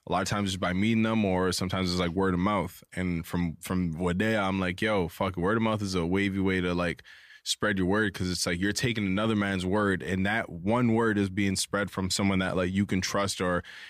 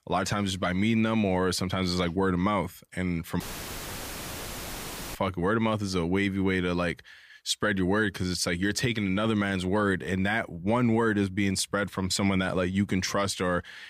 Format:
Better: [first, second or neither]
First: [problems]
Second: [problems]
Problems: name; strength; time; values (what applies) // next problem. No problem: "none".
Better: first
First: none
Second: audio cutting out; filled with static; at 3.5 s for 2 s